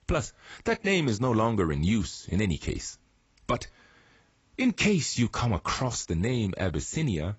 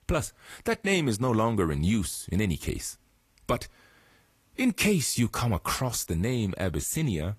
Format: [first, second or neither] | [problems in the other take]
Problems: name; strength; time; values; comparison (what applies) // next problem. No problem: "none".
second | garbled, watery; badly; nothing above 7.5 kHz; slightly in the second